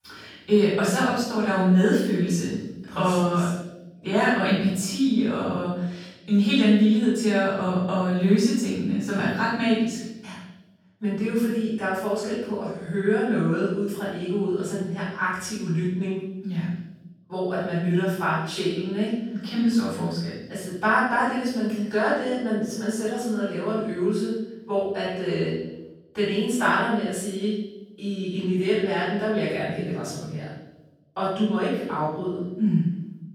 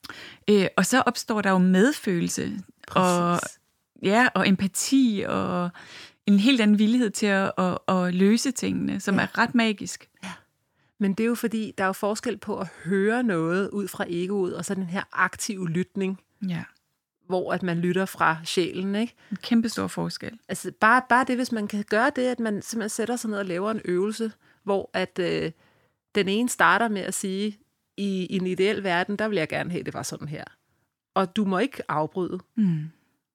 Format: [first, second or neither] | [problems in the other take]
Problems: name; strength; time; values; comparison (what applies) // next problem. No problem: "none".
second | off-mic speech; far // room echo; strong; dies away in 0.9 s